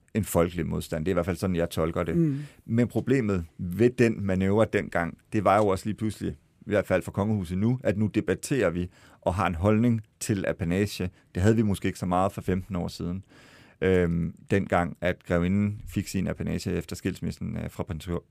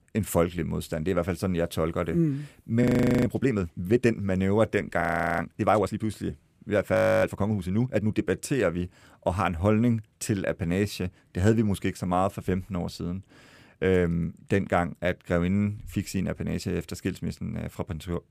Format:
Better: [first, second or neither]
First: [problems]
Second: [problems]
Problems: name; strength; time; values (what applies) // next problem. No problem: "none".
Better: first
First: none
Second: audio freezing; at 3 s, at 5 s and at 7 s